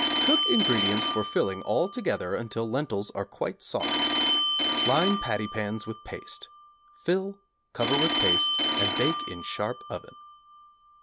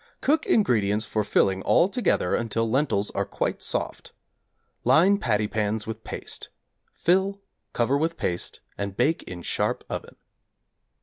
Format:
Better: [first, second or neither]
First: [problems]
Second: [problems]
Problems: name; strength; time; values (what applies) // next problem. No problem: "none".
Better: second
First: background sound (Telephone); as loud as the speech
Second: none